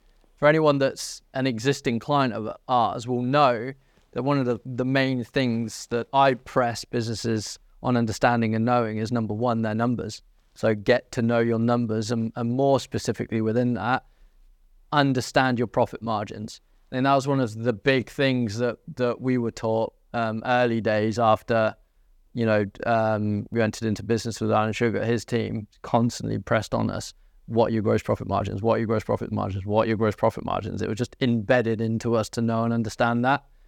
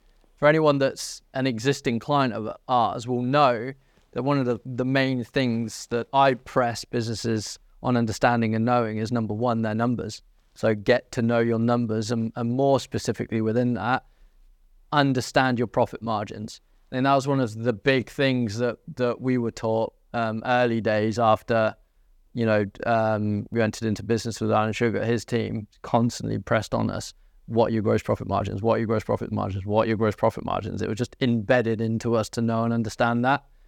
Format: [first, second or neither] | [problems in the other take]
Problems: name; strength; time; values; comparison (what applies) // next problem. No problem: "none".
neither | none